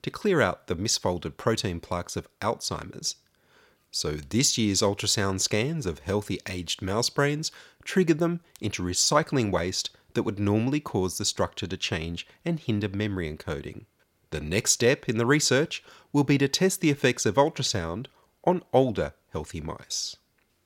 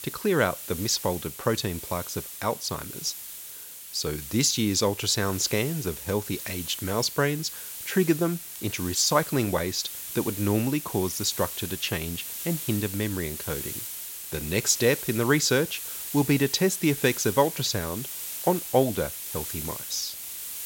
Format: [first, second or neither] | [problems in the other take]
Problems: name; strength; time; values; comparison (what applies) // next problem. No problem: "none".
first | hiss; loud; throughout; 8 dB below the speech